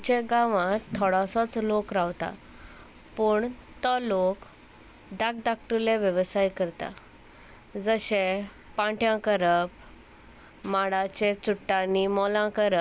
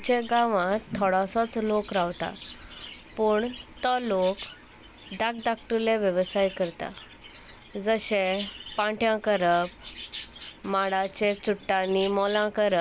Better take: first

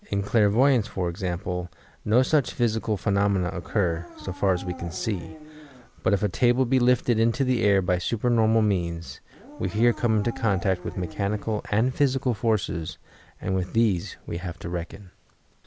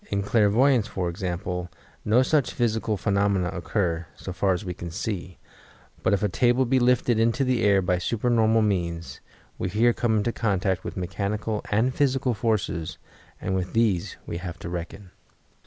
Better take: second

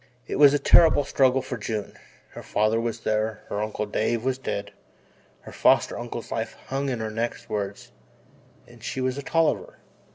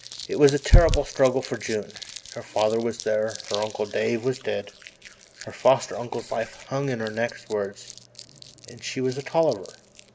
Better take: first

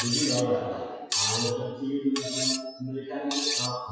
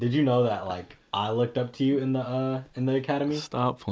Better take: second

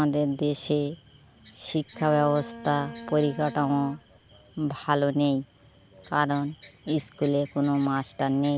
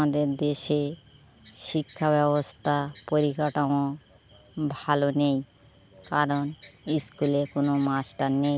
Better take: second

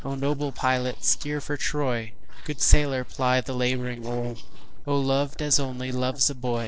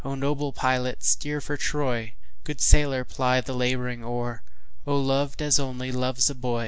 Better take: second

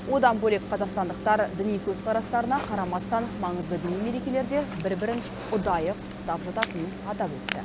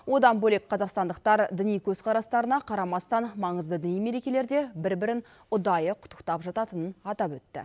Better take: second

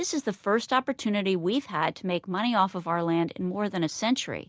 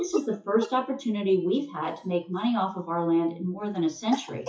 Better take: first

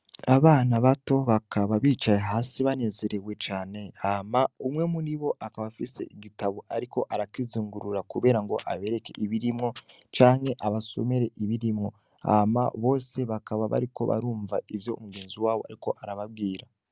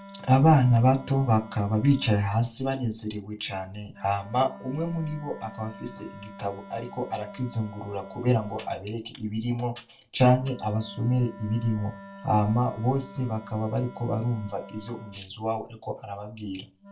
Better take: first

